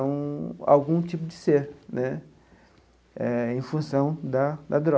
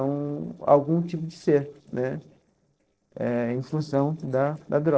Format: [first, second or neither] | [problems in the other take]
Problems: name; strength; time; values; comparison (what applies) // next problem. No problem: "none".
first | noise reduction (neural separator model SepFormer DNS4)